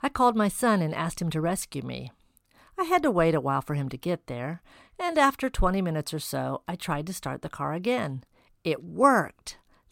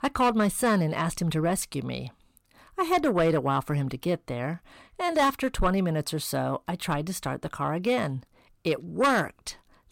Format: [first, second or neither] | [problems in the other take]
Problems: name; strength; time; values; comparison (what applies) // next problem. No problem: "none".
first | distortion; slight; 10 dB below the speech